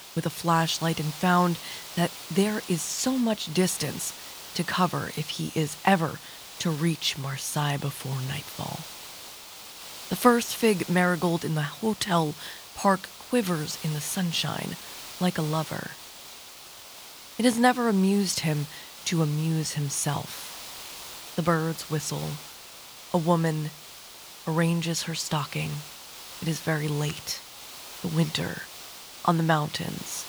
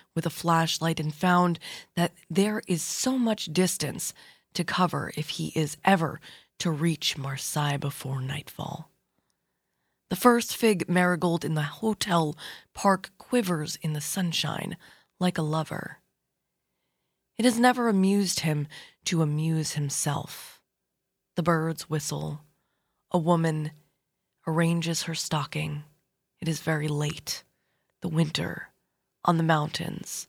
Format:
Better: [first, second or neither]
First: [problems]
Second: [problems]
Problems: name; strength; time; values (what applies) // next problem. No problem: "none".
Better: second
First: hiss; noticeable; throughout; 15 dB below the speech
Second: none